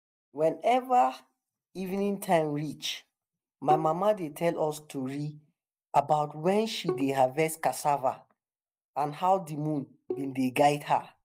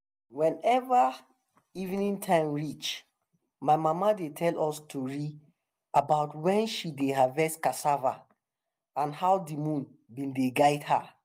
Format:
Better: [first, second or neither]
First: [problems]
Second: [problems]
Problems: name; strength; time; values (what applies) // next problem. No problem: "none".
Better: second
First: noise reduction (neural mask model DeepFilterNet 3)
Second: none